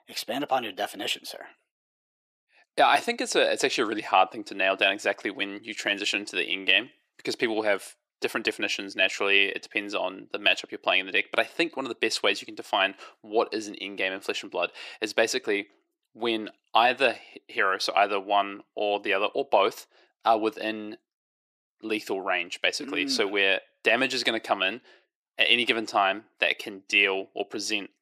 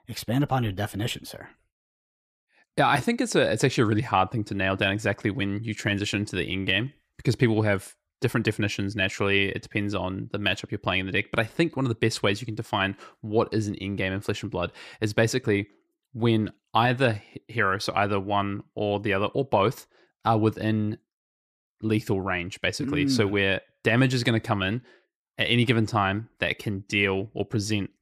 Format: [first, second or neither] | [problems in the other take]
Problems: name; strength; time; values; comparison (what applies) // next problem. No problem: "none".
second | thin; somewhat; fading below 350 Hz